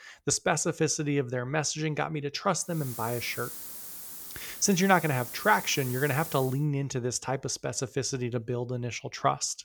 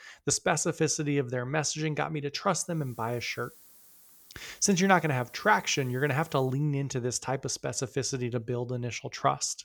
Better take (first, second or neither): second